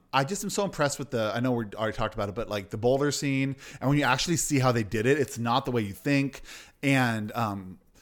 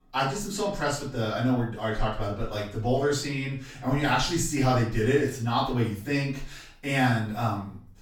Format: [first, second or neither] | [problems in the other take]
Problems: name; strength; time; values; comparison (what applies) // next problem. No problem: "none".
first | off-mic speech; far // room echo; noticeable; dies away in 0.4 s